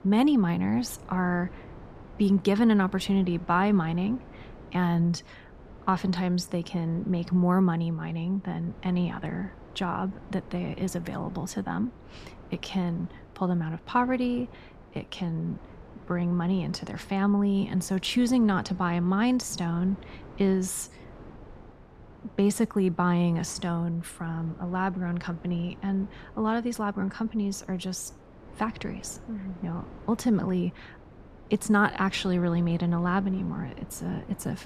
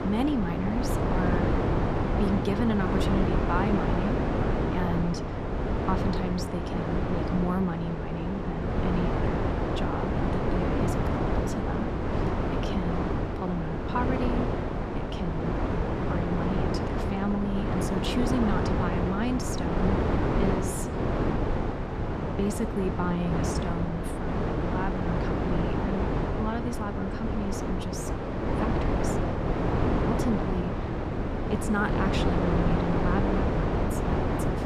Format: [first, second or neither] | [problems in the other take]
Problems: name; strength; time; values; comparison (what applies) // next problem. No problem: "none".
first | wind noise on the microphone; heavy; 4 dB above the speech; occasional gusts in the first